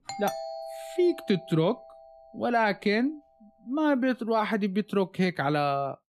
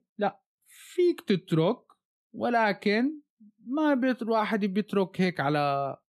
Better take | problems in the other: second | doorbell; noticeable; until 2 s; peak 9 dB below the speech

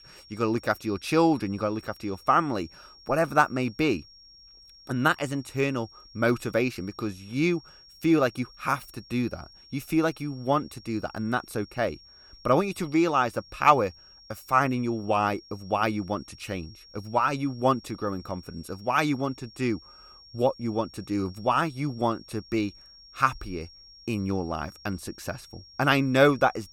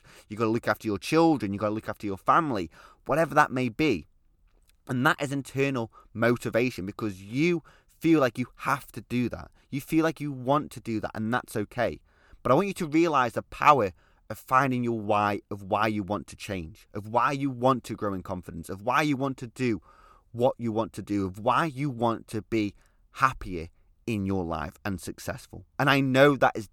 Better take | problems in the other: second | high-pitched whine; faint; throughout; 5.5 kHz, 20 dB below the speech

